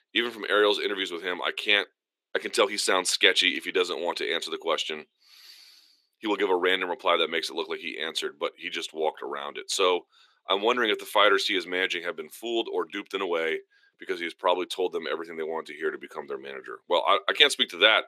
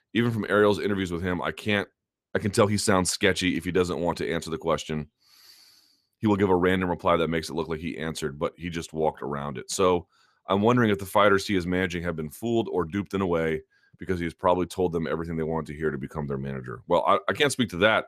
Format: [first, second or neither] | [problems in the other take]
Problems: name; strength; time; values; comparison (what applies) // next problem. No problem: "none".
second | thin; somewhat; fading below 350 Hz